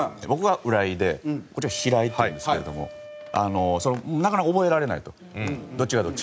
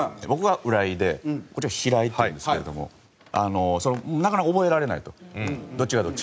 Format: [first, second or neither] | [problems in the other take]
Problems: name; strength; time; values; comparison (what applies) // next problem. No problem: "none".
second | background sound (Wind instrument, woodwind instrument); 17 dB below the speech